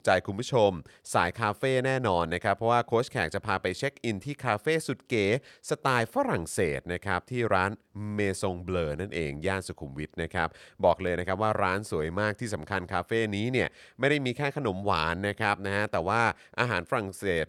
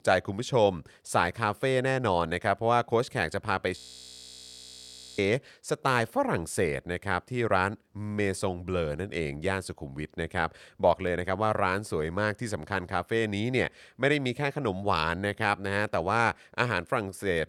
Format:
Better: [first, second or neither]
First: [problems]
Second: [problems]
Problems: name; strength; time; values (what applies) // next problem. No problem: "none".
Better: first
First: none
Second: audio freezing; at 4 s for 1.5 s